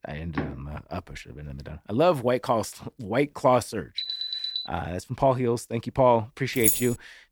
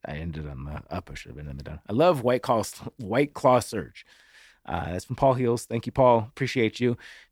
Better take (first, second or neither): second